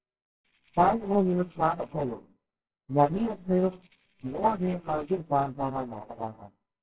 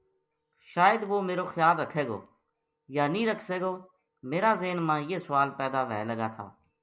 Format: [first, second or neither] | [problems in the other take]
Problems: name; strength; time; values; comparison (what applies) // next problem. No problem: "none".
second | noise reduction (neural separator model SepFormer WHAMR!)